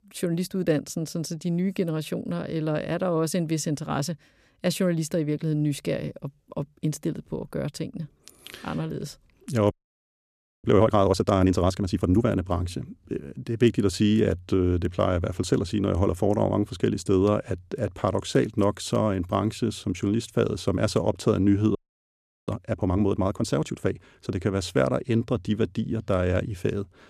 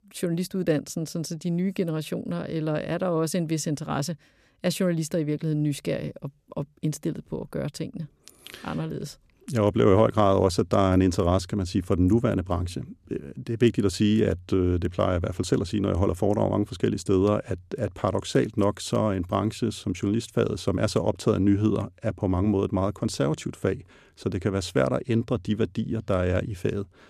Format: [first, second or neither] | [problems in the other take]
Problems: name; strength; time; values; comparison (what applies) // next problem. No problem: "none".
second | audio freezing; at 9.5 s for 1 s and at 22 s for 0.5 s